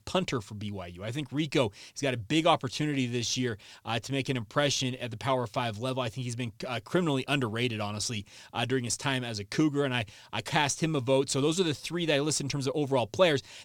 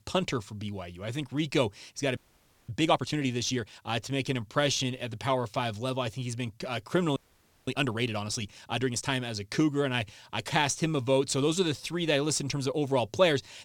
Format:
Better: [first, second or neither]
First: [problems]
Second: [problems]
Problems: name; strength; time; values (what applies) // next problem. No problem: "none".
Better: first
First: none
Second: audio freezing; at 2 s for 0.5 s and at 7 s for 0.5 s